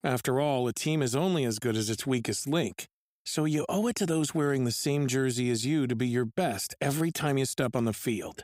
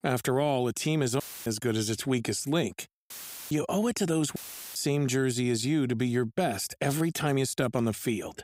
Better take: first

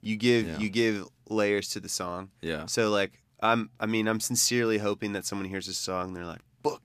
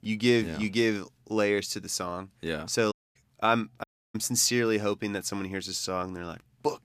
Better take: first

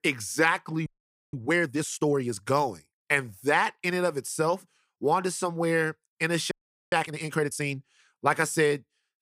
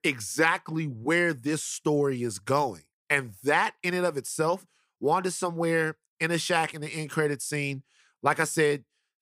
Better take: second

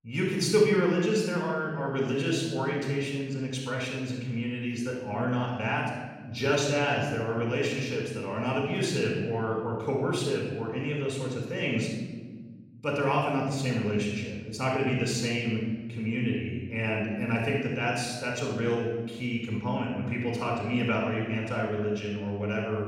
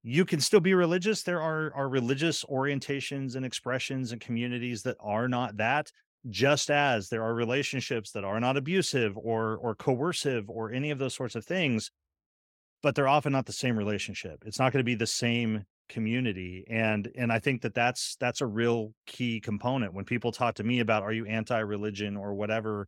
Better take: second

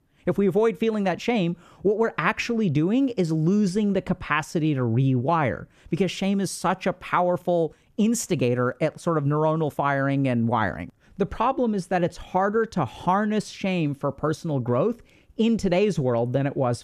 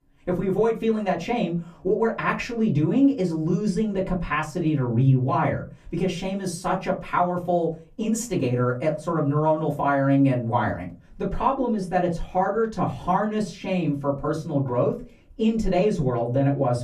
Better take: first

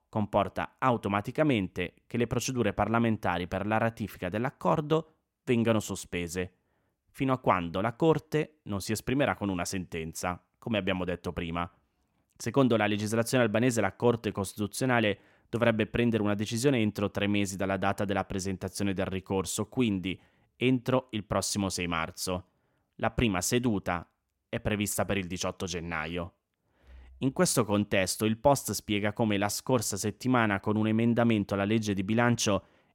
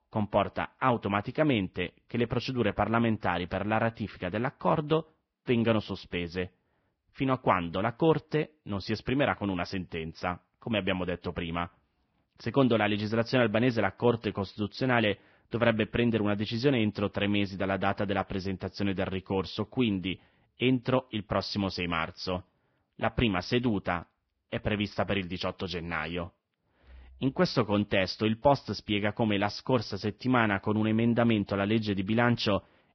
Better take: first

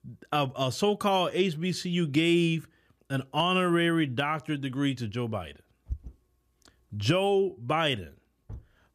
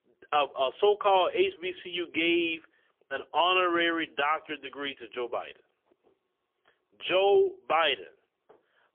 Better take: first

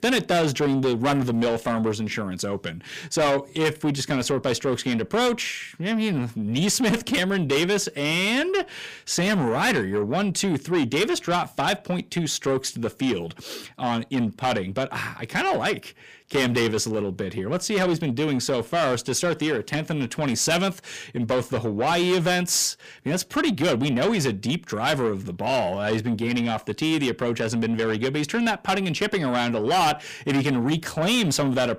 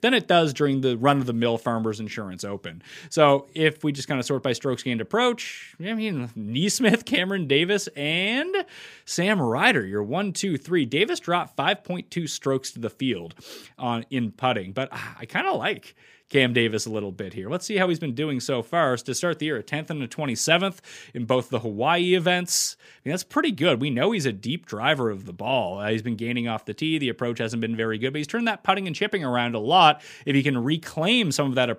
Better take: second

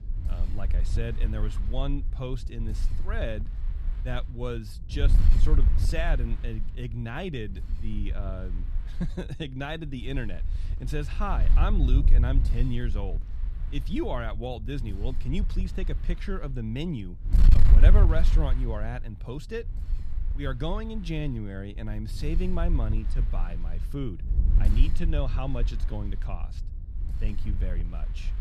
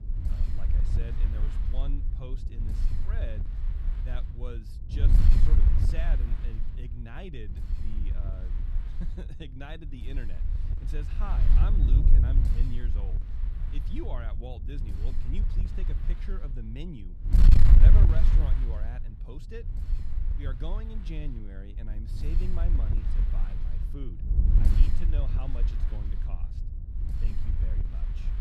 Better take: first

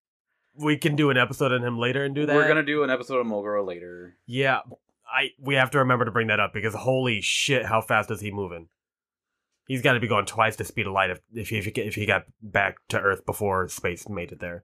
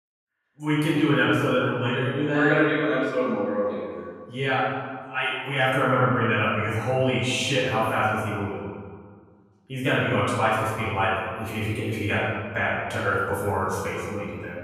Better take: first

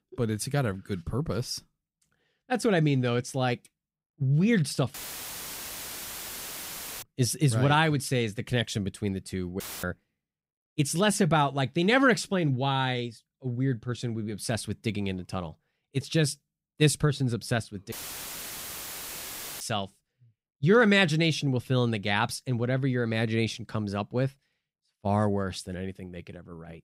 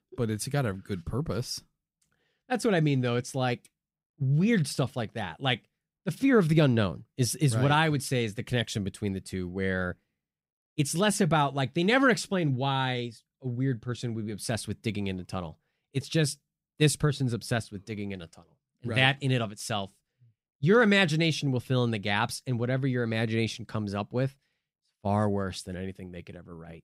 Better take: second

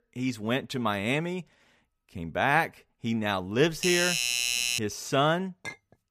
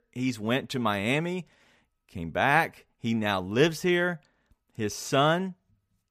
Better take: second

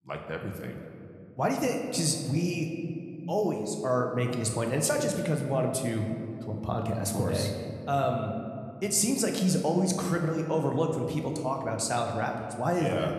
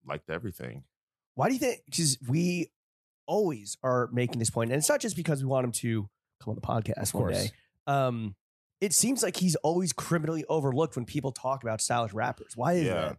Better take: second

